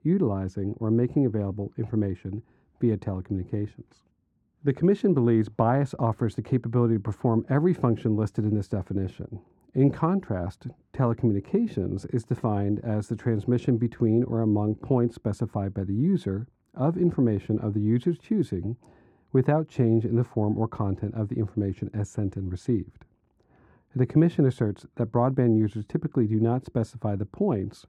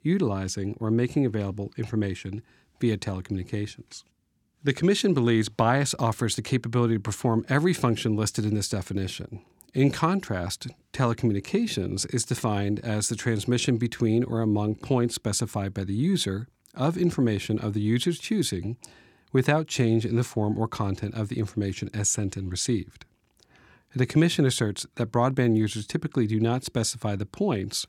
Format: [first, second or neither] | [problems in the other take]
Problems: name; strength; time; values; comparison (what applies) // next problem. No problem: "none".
second | muffled; very; fading above 2 kHz